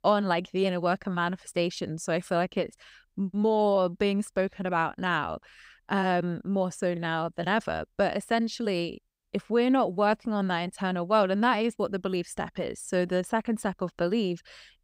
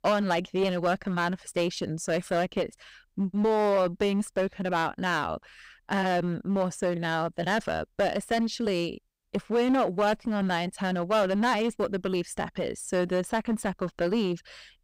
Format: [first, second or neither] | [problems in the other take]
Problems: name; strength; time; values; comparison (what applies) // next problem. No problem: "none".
first | distortion; slight; 8% of the sound clipped